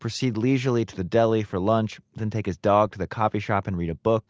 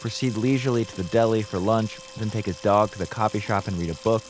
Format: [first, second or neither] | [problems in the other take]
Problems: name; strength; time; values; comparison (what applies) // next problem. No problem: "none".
first | background sound (Sink (filling or washing) / Water tap, faucet + Bowed string instrument); 18 dB below the speech